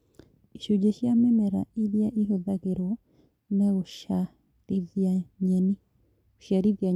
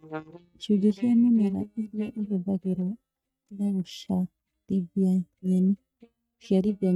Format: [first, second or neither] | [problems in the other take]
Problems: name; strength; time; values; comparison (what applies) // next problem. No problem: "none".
first | noise reduction (neural mask model DeepFilterNet 3)